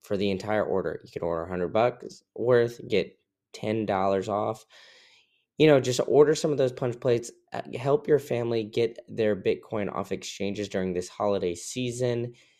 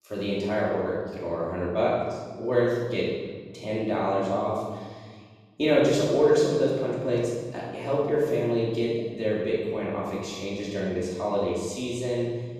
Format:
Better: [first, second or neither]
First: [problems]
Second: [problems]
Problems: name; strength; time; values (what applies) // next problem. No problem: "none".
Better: first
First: none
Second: room echo; strong; dies away in 1.4 s // off-mic speech; far